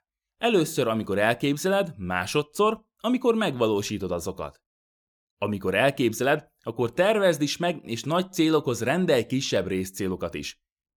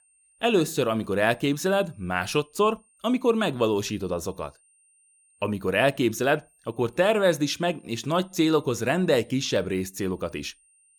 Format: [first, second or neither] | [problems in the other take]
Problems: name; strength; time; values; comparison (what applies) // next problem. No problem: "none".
first | high-pitched whine; faint; throughout; 9 kHz, 35 dB below the speech